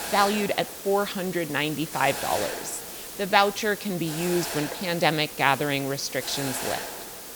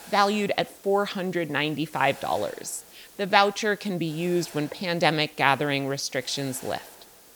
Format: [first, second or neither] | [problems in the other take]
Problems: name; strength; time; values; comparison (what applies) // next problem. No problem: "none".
second | hiss; loud; throughout; 8 dB below the speech; faint in the second